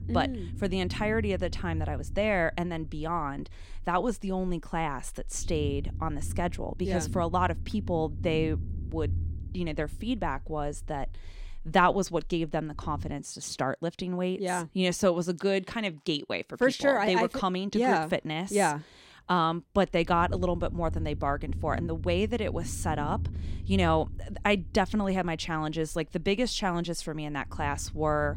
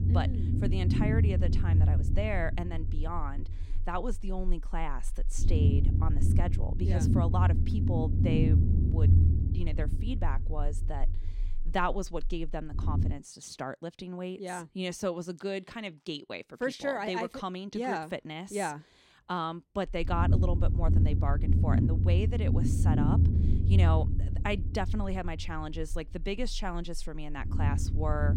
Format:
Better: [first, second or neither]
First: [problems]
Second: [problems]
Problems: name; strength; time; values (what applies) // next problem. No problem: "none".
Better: first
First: low rumble; faint; until 13 s and from 20 s on; 20 dB below the speech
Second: low rumble; loud; until 13 s and from 20 s on; 4 dB below the speech